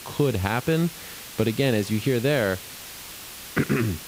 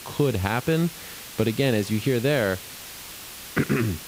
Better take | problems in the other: neither | hiss; noticeable; throughout; 15 dB below the speech; the same in both

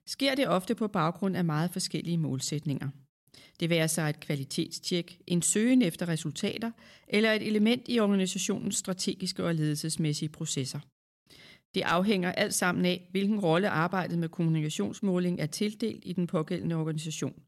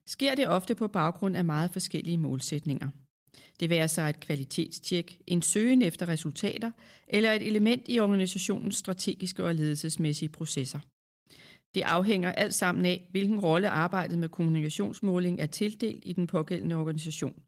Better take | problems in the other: first | garbled, watery; slightly; nothing above 16 kHz

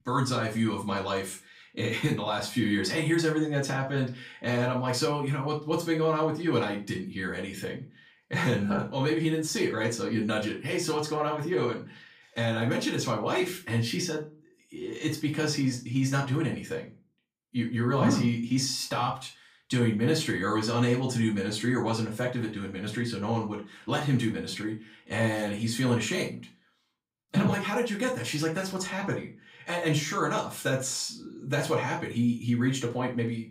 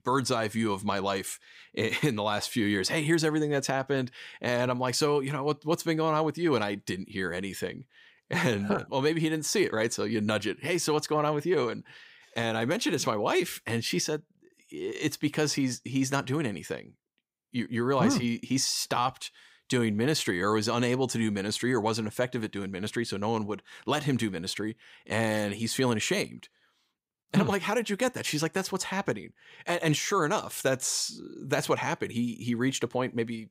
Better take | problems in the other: second | room echo; slight; dies away in 0.3 s // off-mic speech; far

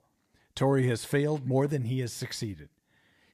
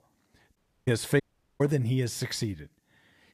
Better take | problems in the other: first | audio cutting out; at 0.5 s and at 1 s

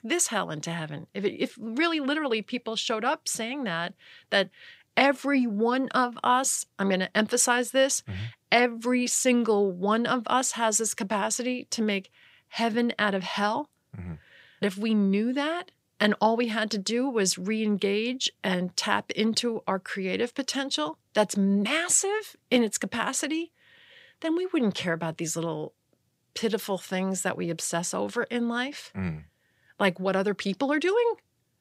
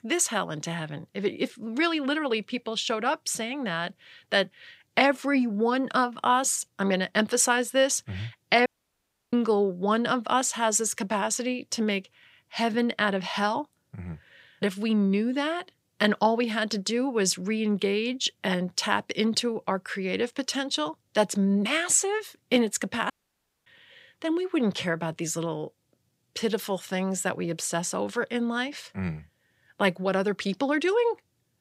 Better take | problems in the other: first | audio cutting out; at 8.5 s for 0.5 s and at 23 s for 0.5 s

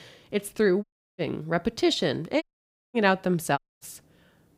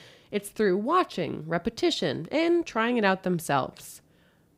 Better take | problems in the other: second | audio cutting out; at 1 s, at 2.5 s for 0.5 s and at 3.5 s

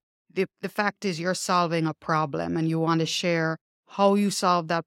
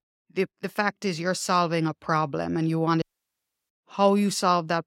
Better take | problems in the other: first | audio cutting out; at 3 s for 0.5 s

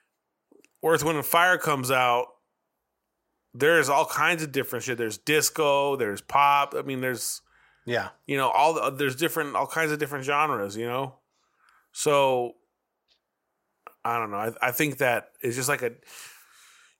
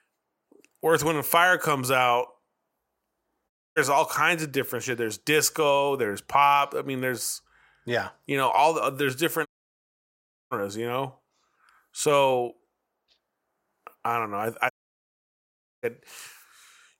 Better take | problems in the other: first | audio cutting out; at 3.5 s, at 9.5 s for 1 s and at 15 s for 1 s

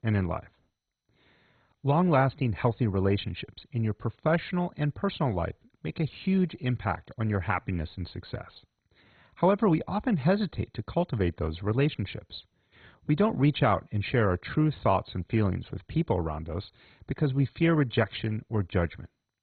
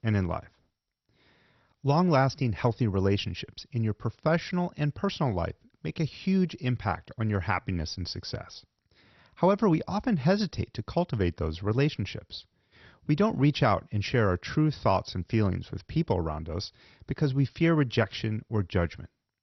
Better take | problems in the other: second | garbled, watery; badly; nothing above 4 kHz; slightly in the second

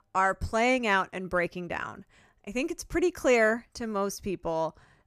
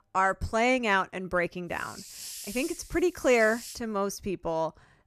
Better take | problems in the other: first | hiss; noticeable; from 1.5 to 4 s; 15 dB below the speech

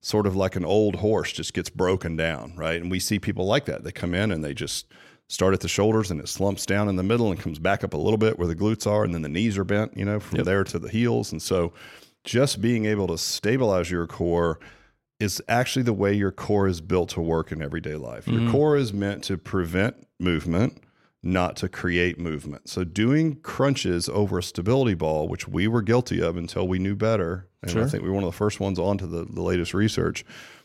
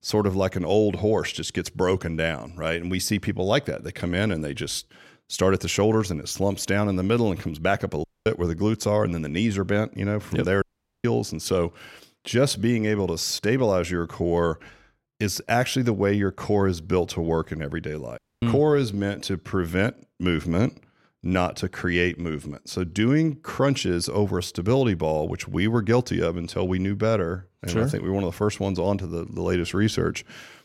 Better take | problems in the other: first | audio cutting out; at 8 s, at 11 s and at 18 s

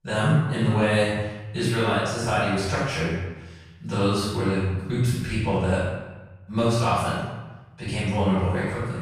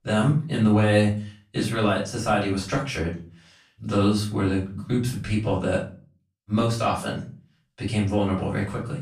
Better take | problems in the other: second | room echo; strong; dies away in 1 s; slight in the second // off-mic speech; far; far in the second

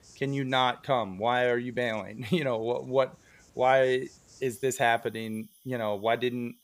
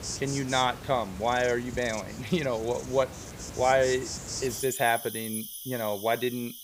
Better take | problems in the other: first | animal sounds; loud; throughout; 9 dB below the speech; faint in the first

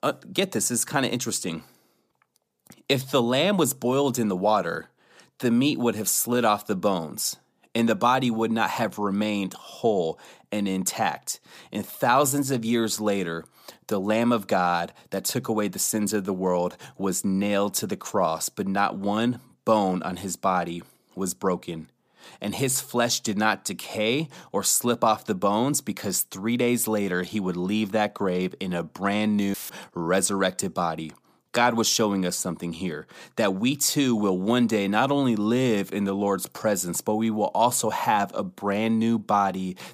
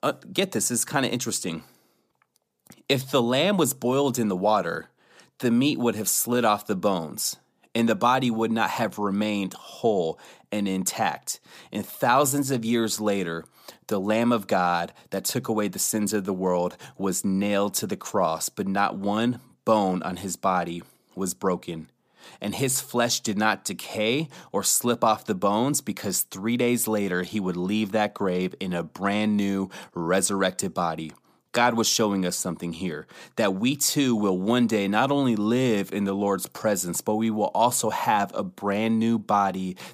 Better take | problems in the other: second | audio cutting out; filled with static; at 30 s

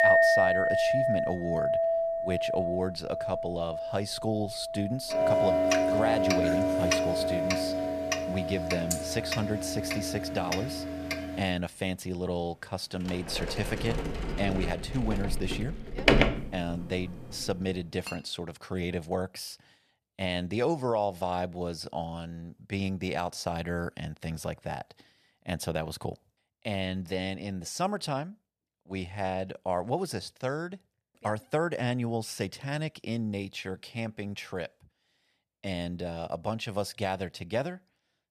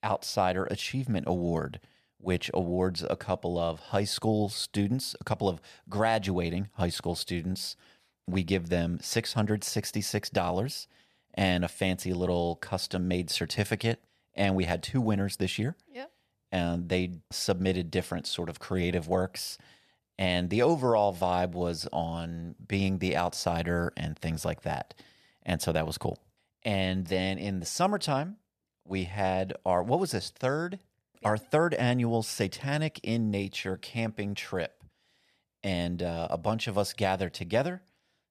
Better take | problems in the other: second | household noises; very loud; until 18 s; 4 dB above the speech

